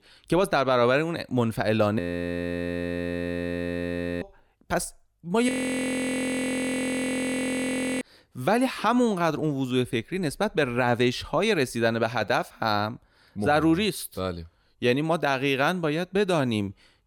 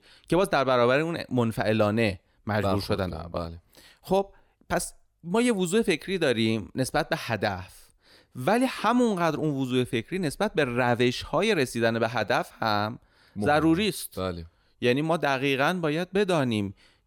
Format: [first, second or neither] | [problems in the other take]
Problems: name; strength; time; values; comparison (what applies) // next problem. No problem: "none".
second | audio freezing; at 2 s for 2 s and at 5.5 s for 2.5 s